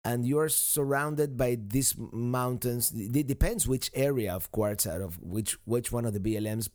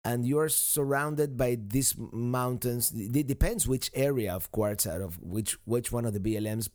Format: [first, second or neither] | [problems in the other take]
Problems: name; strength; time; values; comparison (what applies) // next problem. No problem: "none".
neither | none